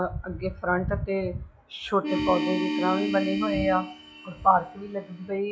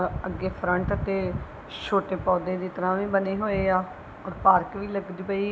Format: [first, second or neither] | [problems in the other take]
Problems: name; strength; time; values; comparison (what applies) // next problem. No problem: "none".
second | noise reduction (classical method log-MMSE)